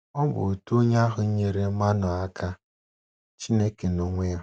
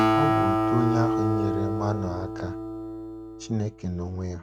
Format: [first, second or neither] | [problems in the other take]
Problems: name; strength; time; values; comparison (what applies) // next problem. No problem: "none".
first | background sound (Acoustic guitar); 3 dB above the speech